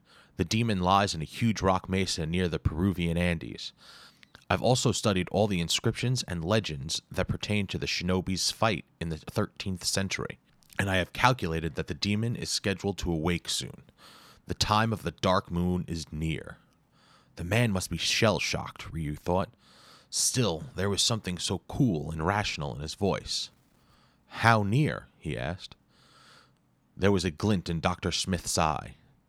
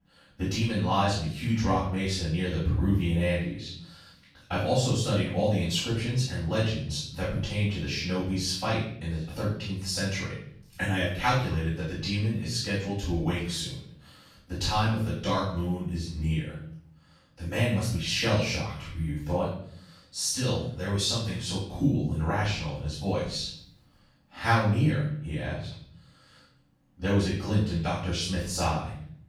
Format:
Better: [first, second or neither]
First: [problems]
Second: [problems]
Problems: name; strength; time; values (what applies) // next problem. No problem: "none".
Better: first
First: none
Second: room echo; noticeable; dies away in 0.6 s // off-mic speech; far